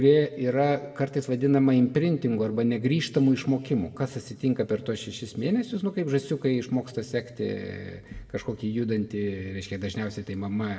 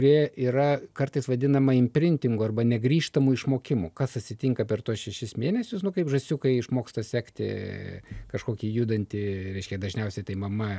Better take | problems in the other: second | room echo; dies away in 1.1 s

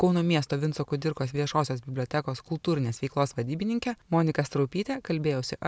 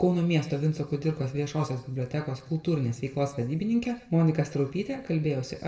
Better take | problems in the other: first | room echo; dies away in 0.7 s

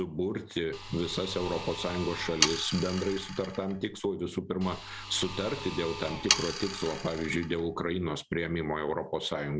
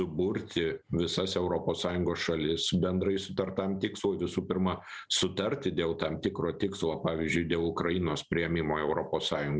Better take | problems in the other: second | background sound (Sawing); 4 dB below the speech

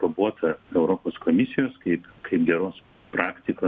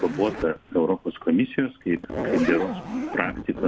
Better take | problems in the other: first | background sound (Zipper (clothing)); 7 dB below the speech

